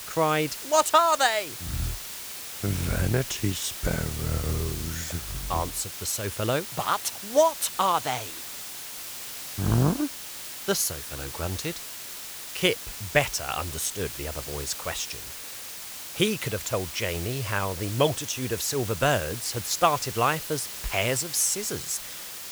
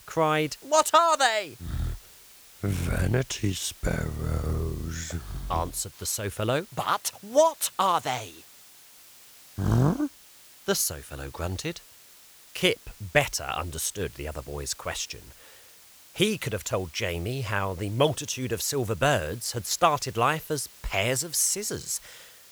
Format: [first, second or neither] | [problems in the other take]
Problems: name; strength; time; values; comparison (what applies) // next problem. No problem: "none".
second | hiss; loud; throughout; 8 dB below the speech; faint in the second